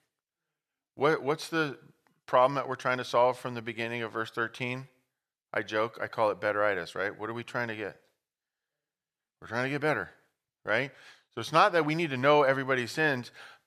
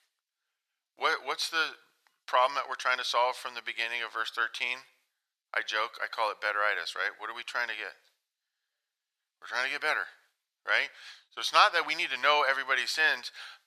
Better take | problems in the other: first | thin; very; fading below 1 kHz

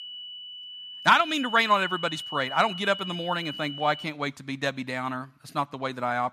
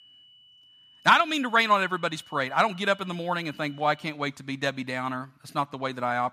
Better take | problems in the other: second | high-pitched whine; loud; until 4 s; 3 kHz, 10 dB below the speech; faint in the second

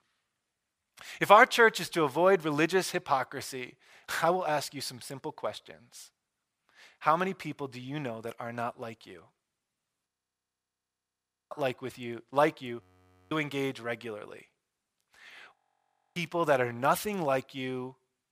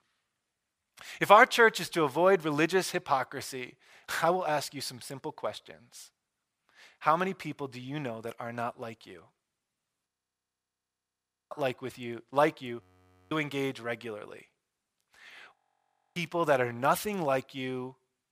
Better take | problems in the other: neither | audio freezing; at 10 s for 1.5 s, at 13 s for 0.5 s and at 16 s for 0.5 s; the same in both

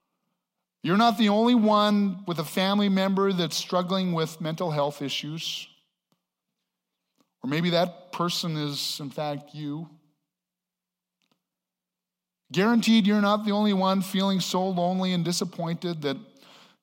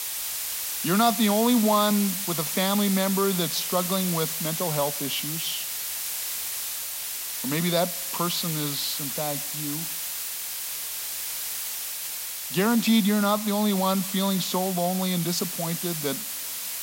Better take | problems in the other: first | hiss; loud; throughout; 3 dB below the speech

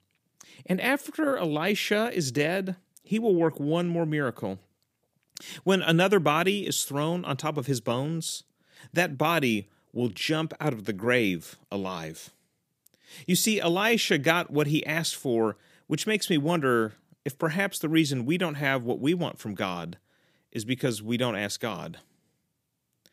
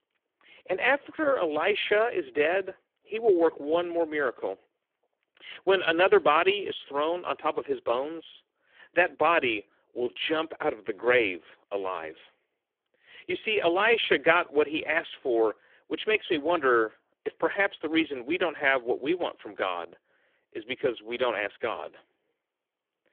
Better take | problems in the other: first | phone-call audio; poor line; nothing above 3.5 kHz

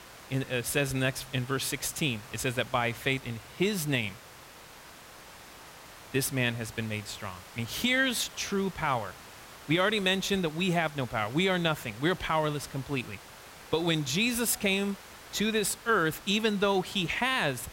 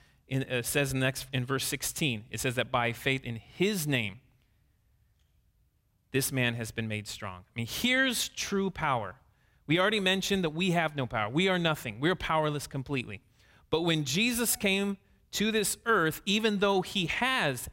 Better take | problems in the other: second | hiss; noticeable; throughout; 20 dB below the speech

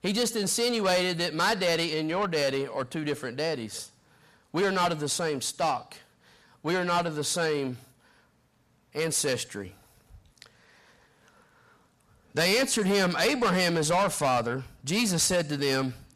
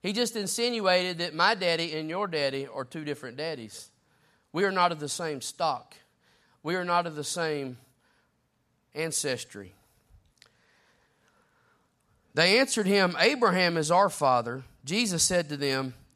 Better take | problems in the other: second | distortion; heavy; 7 dB below the speech

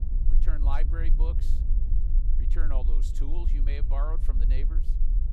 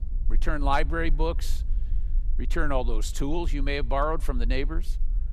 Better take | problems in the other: second | low rumble; loud; throughout; 7 dB below the speech; faint in the second

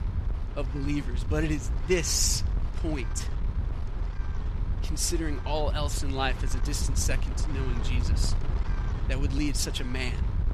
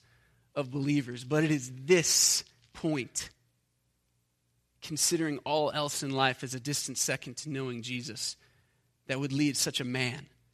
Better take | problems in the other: second | wind noise on the microphone; occasional gusts; 10 dB below the speech

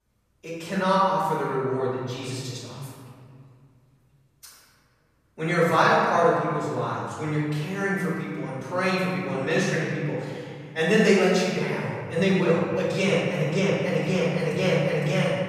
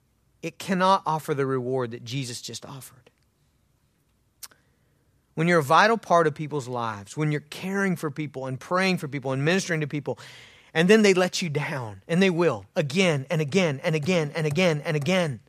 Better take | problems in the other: second | off-mic speech; far // room echo; strong; dies away in 1.9 s

